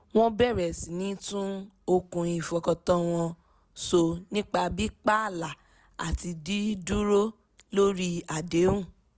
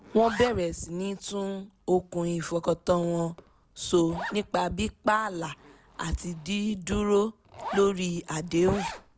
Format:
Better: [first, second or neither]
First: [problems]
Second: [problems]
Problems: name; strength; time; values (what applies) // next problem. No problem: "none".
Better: first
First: none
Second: background sound (Zipper (clothing)); 15 dB below the speech